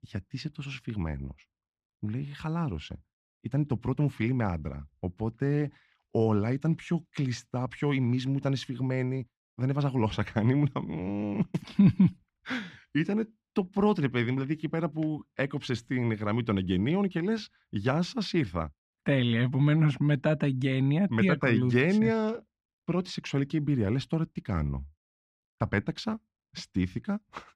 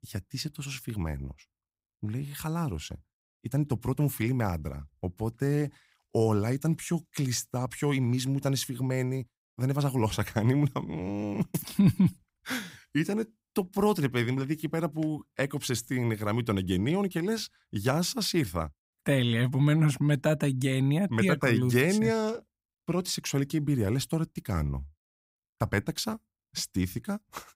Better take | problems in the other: second | muffled; slightly; fading above 3 kHz

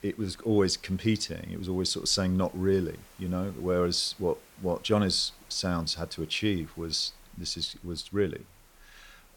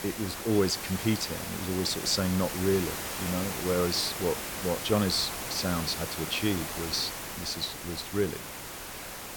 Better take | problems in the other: first | hiss; loud; throughout; 5 dB below the speech; faint in the first

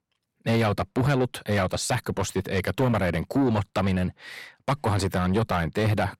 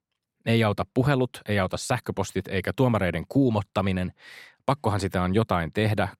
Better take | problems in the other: second | distortion; heavy; 7 dB below the speech

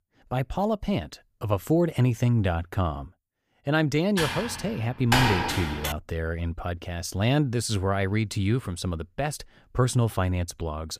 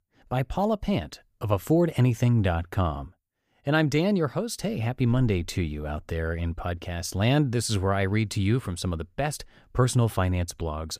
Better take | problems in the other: second | keyboard typing; loud; from 4 to 6 s; peak 4 dB above the speech

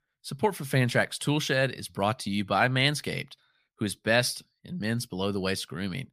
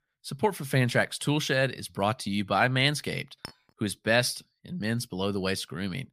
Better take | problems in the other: first | clattering dishes; faint; at 3.5 s; peak 15 dB below the speech

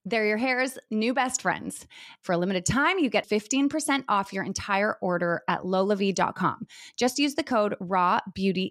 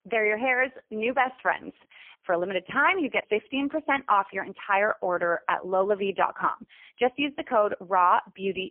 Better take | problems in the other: first | phone-call audio; poor line; nothing above 3 kHz

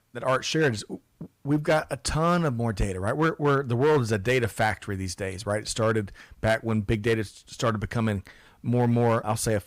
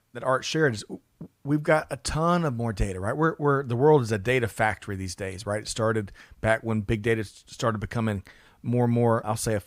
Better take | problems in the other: second | distortion; slight; 5% of the sound clipped

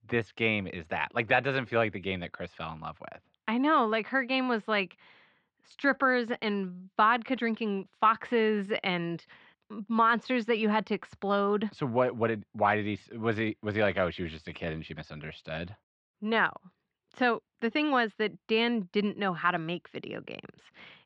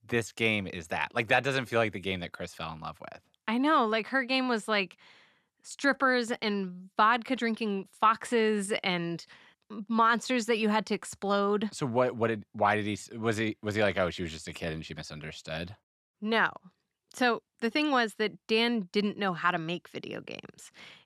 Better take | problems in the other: second | muffled; slightly; fading above 3.5 kHz

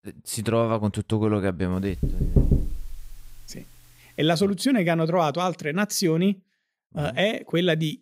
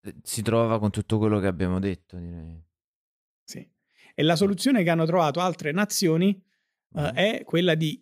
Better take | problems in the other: second | door banging; loud; from 2 to 3 s; peak 2 dB above the speech

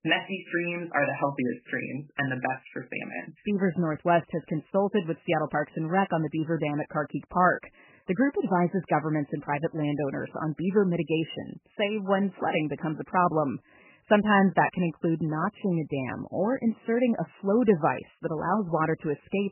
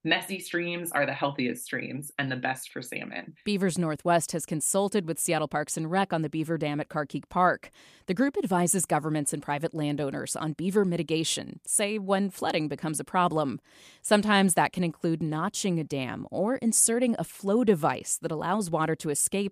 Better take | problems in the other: second | garbled, watery; badly; nothing above 3 kHz

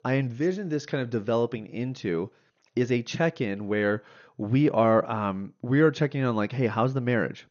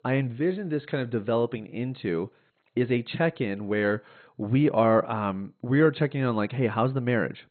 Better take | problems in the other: first | garbled, watery; badly; nothing above 4 kHz; slightly in the first

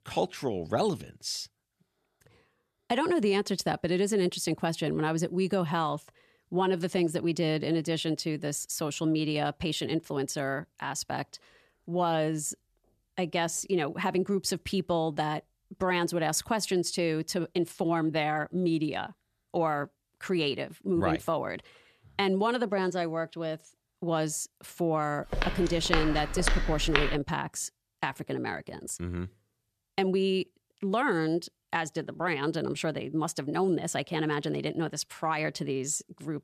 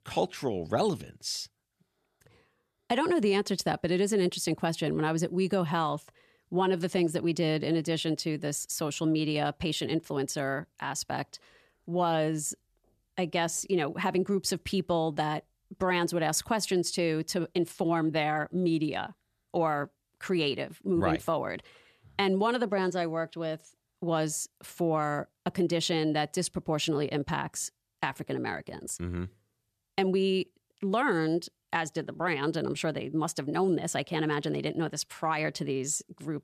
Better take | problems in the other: second | footsteps; loud; from 25 to 27 s; peak 1 dB above the speech

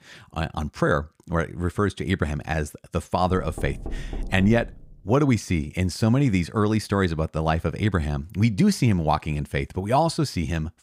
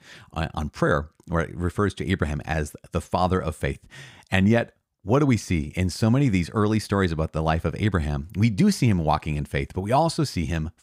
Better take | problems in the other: second | door banging; faint; from 3.5 to 5 s; peak 10 dB below the speech

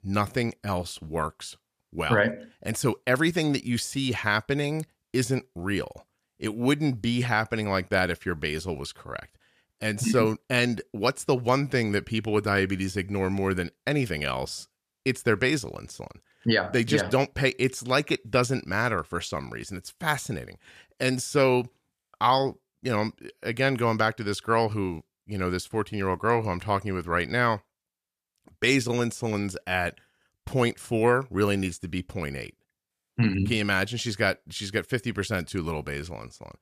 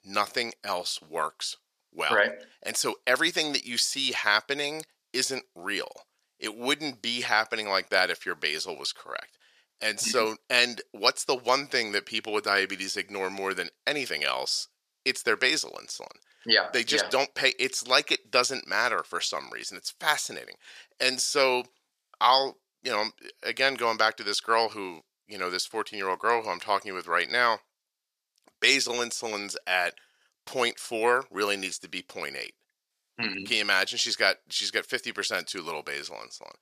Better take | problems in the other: first | thin; very; fading below 500 Hz

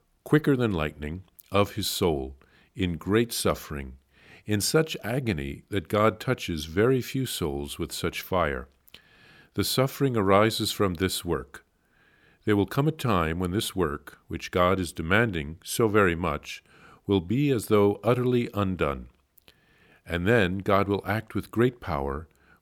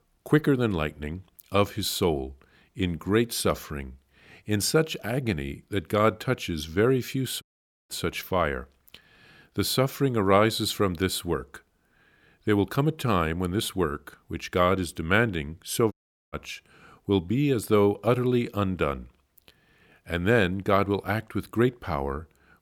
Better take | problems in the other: first | audio cutting out; at 7.5 s and at 16 s

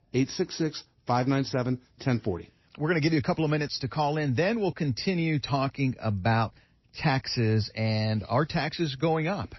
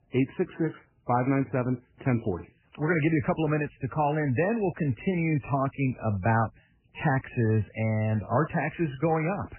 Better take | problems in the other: first | garbled, watery; badly; nothing above 2.5 kHz; slightly in the first

